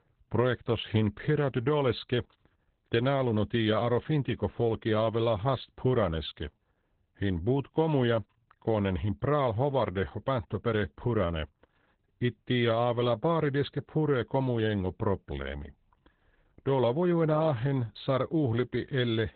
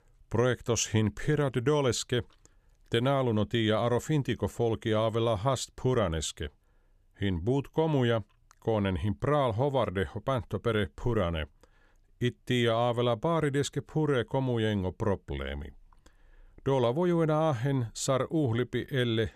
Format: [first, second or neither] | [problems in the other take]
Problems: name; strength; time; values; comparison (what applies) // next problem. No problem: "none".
second | garbled, watery; badly; nothing above 4 kHz